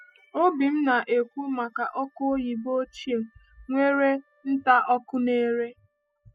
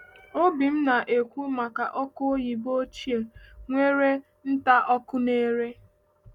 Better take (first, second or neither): second